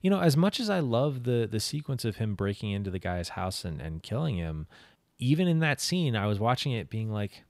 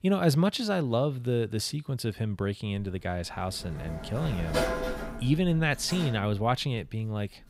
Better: first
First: none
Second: door banging; loud; from 3 to 6.5 s; peak 1 dB above the speech

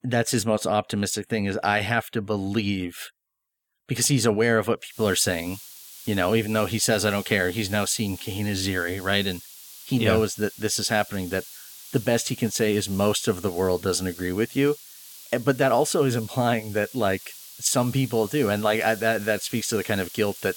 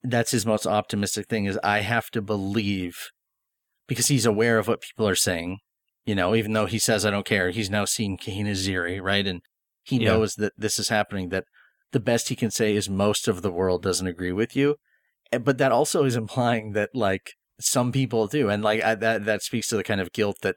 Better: second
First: hiss; noticeable; from 5 s on; 15 dB below the speech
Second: none

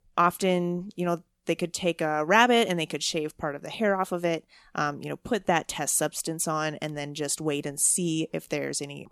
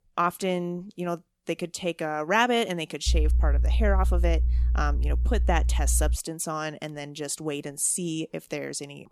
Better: first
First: none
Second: low rumble; noticeable; from 3 to 6 s; 15 dB below the speech

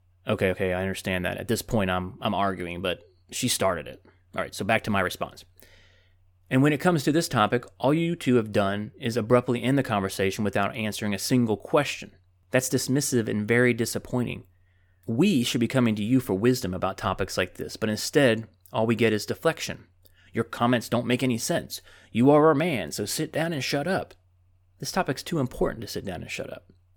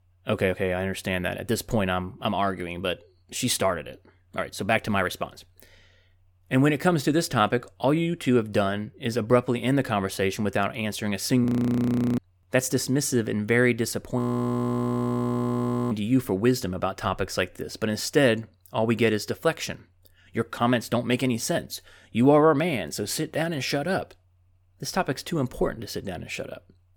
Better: first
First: none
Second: audio freezing; at 11 s for 0.5 s and at 14 s for 1.5 s

